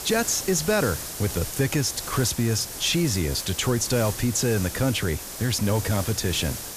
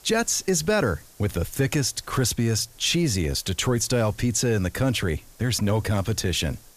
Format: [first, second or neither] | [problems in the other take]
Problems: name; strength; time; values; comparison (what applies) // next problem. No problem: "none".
second | hiss; loud; throughout; 8 dB below the speech; faint in the second